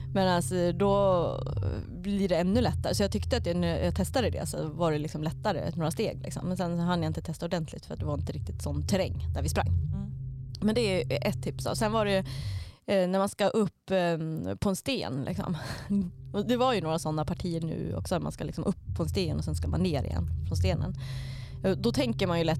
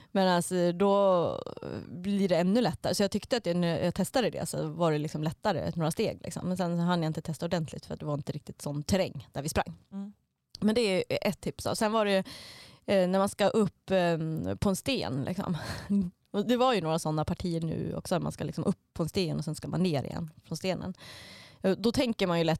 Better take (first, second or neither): second